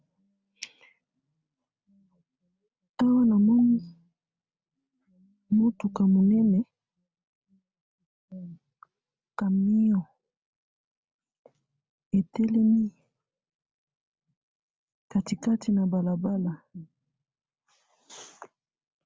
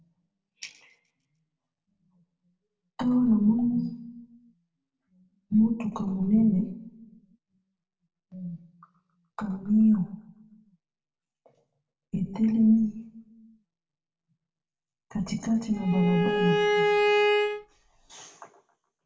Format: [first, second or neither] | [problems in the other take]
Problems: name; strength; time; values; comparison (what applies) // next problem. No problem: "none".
first | background sound (Bowed string instrument); 3 dB above the speech // room echo; dies away in 0.6 s